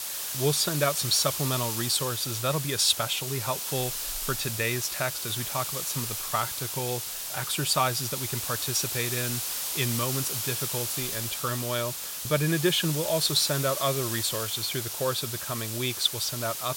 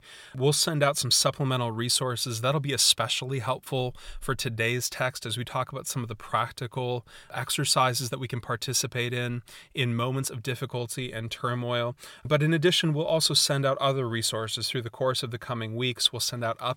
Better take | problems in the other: second | hiss; loud; throughout; 2 dB below the speech

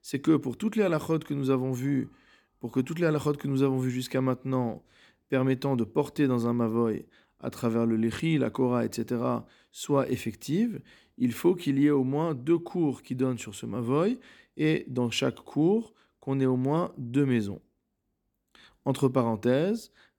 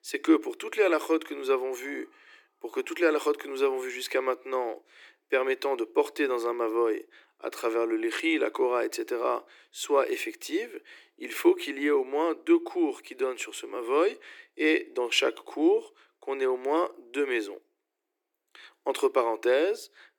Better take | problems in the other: first | thin; very; fading below 300 Hz

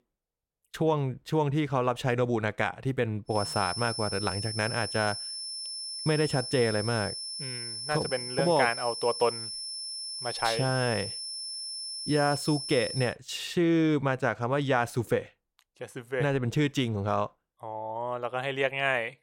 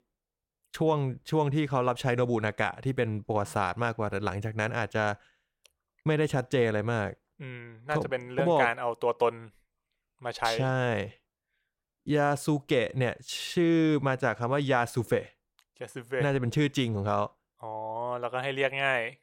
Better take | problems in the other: second | high-pitched whine; loud; from 3.5 to 13 s; 5.5 kHz, 6 dB below the speech

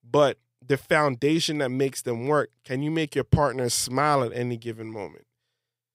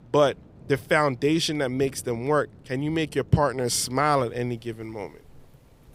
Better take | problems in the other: first | rain or running water; faint; throughout; 25 dB below the speech

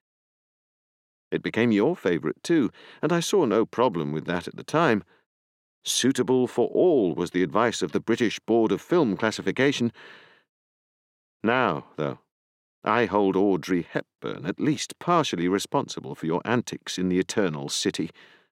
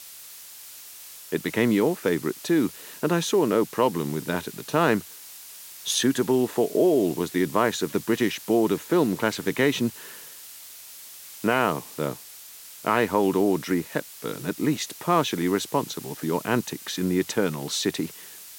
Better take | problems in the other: first | hiss; noticeable; throughout; 15 dB below the speech

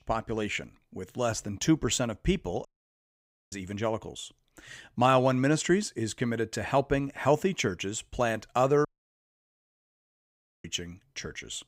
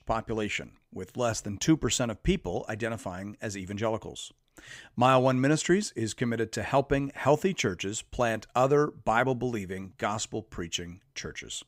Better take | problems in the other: second | audio cutting out; at 2.5 s for 1 s and at 9 s for 2 s

